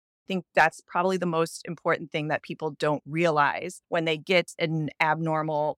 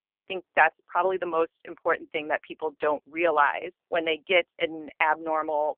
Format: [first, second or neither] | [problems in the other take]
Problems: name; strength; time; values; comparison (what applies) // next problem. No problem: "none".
first | phone-call audio; poor line; nothing above 3 kHz